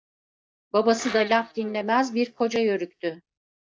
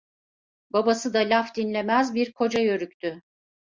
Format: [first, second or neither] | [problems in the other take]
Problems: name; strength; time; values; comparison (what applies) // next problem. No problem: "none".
second | noise reduction (neural mask model DeepFilterNet 3)